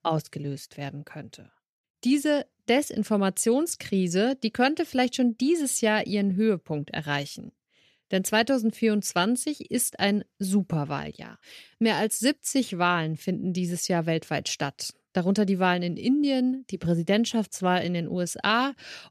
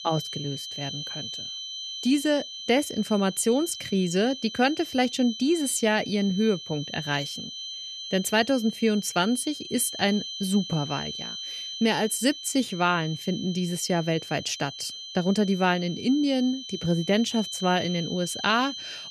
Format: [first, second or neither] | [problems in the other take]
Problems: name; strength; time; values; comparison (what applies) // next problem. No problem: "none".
first | high-pitched whine; loud; throughout; 3 kHz, 9 dB below the speech